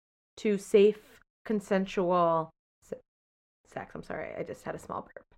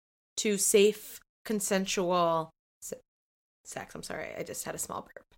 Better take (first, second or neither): second